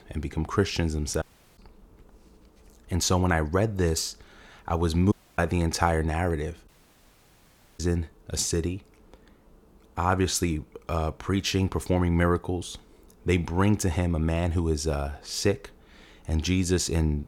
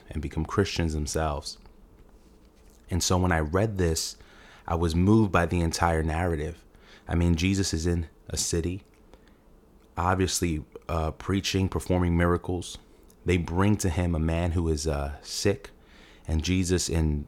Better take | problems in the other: second | audio cutting out; at 1 s, at 5 s and at 6.5 s for 1 s

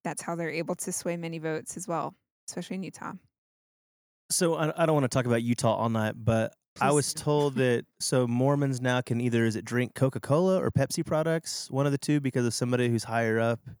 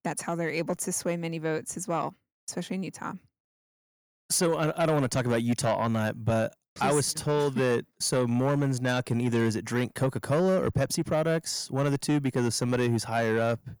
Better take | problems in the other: first | distortion; slight; 10 dB below the speech

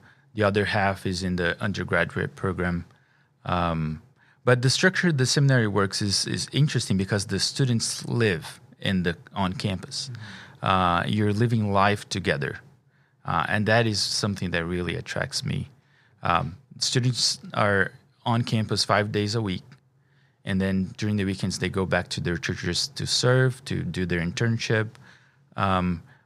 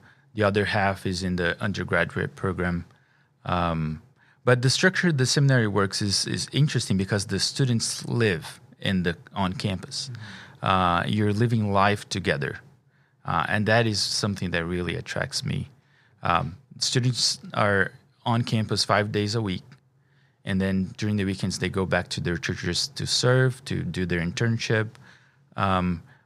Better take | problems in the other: neither | none

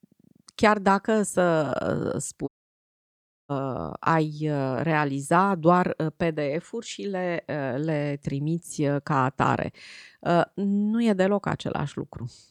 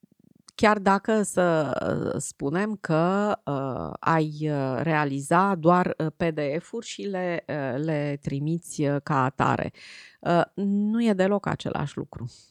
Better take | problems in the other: second | audio cutting out; at 2.5 s for 1 s

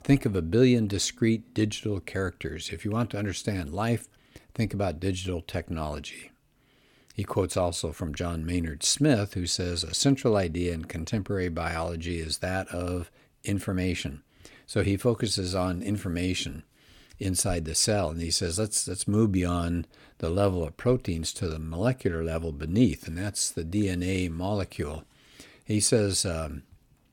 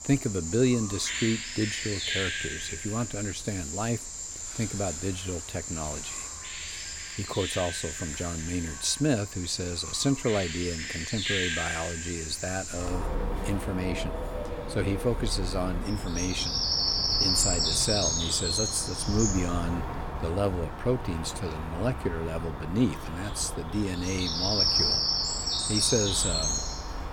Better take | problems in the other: first | animal sounds; very loud; throughout; as loud as the speech

